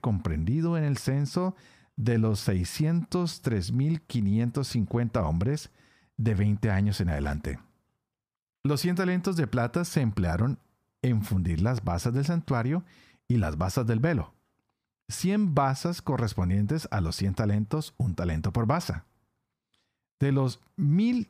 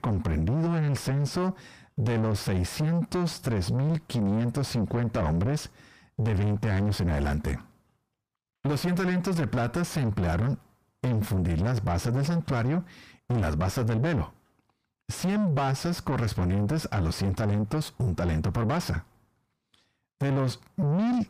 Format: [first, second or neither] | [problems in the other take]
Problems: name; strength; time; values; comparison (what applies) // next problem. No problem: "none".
first | distortion; heavy; 7 dB below the speech